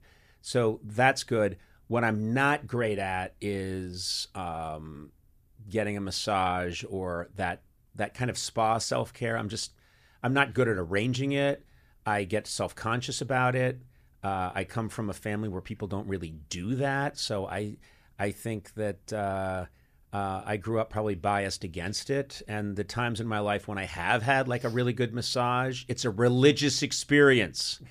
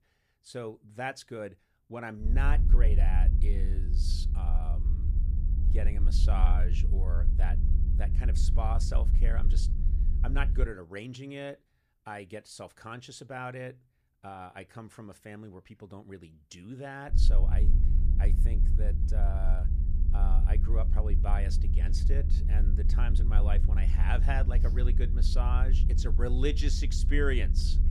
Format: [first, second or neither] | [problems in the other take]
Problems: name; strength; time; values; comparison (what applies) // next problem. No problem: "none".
first | low rumble; loud; from 2 to 11 s and from 17 s on; 8 dB below the speech